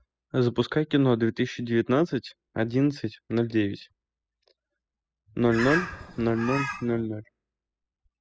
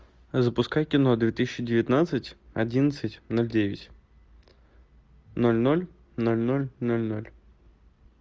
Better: second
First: noise reduction (classical method spectral subtraction)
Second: none

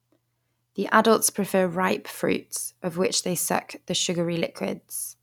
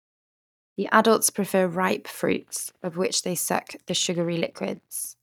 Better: first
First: none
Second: noise reduction (neural mask model DeepFilterNet 3)

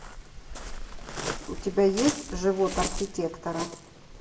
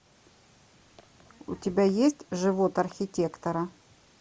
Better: second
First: background sound (Waves, surf); 6 dB below the speech // room echo; dies away in 0.6 s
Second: none

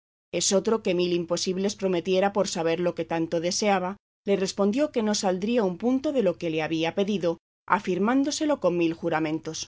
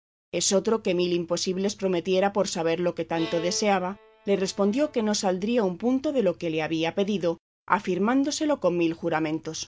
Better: first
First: none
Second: background sound (Bowed string instrument); 17 dB below the speech

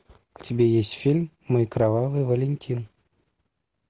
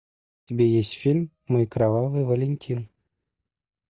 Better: first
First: none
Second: noise reduction (neural mask model DeepFilterNet 3)

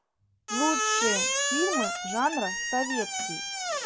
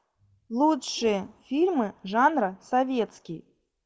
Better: second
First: background sound (Squeak); 2 dB above the speech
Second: none

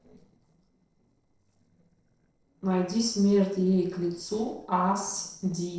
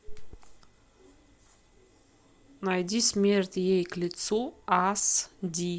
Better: second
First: noise reduction (neural separator model SepFormer DNS4)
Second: none

